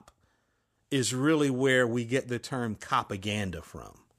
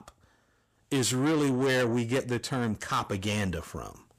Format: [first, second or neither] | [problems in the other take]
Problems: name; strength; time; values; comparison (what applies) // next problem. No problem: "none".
first | distortion; heavy; 8 dB below the speech